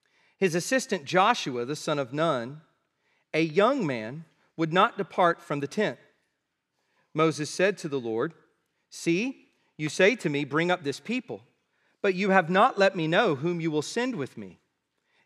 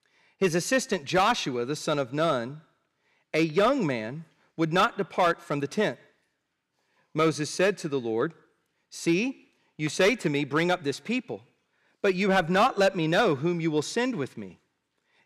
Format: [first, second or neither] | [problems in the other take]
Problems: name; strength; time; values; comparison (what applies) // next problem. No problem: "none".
first | distortion; slight; 2% of the sound clipped